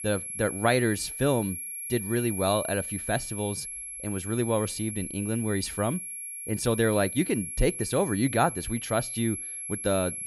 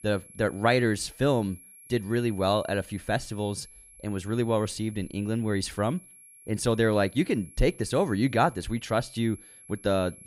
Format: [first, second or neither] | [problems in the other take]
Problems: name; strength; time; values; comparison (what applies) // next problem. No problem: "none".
second | high-pitched whine; loud; throughout; 11 kHz, 6 dB below the speech; faint in the second